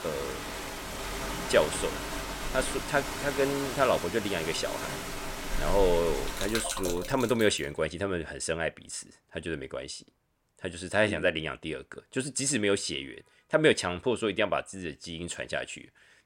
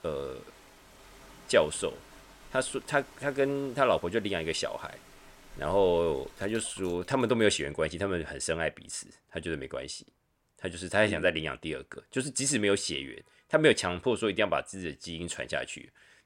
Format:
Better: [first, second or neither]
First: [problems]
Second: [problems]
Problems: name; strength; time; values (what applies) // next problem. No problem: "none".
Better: second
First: rain or running water; loud; until 7 s; 6 dB below the speech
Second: rain or running water; faint; until 7 s; 25 dB below the speech